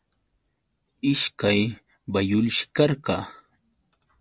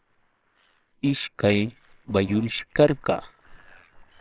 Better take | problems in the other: first | noise reduction (neural separator model SepFormer WHAMR!)

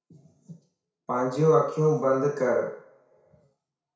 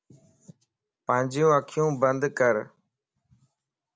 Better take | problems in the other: second | room echo; dies away in 0.6 s

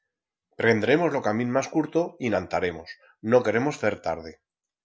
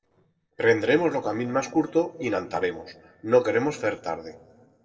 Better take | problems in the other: first | noise reduction (neural separator model SepFormer DNS4)

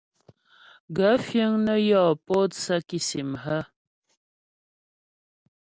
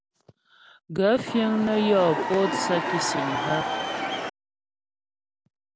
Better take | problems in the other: first | background sound (Crowd / Cheering); 1 dB below the speech

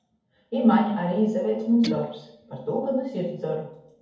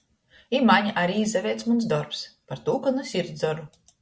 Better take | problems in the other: second | background sound (Guitar); 16 dB below the speech // room echo; dies away in 0.8 s

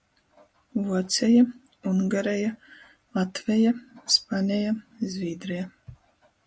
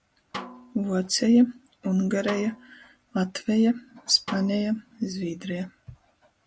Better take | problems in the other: first | background sound (Snare drum); 17 dB below the speech

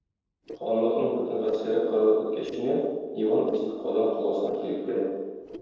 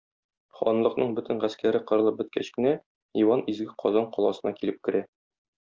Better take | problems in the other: second | noise reduction (neural separator model SepFormer DNS4)

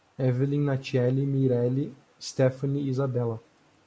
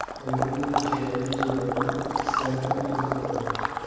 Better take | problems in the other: first | background sound (Water / Liquid); 1 dB above the speech // room echo; dies away in 2.1 s

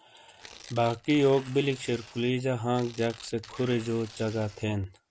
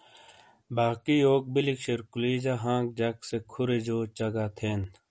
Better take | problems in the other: second | background sound (Tearing); 20 dB below the speech

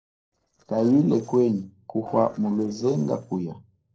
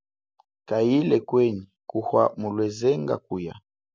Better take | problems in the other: second | noise reduction (neural separator model SepFormer DNS4)

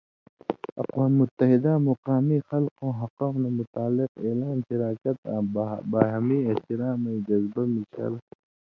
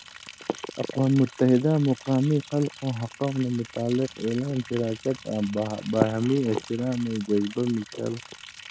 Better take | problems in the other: first | background sound (Liquid); 19 dB below the speech

